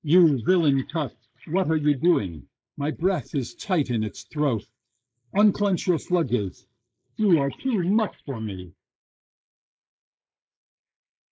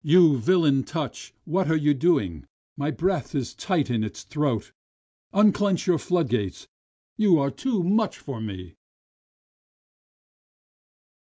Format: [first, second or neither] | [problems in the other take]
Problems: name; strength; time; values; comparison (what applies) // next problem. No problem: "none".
second | noise reduction (neural mask model Resemble Enhance denoiser)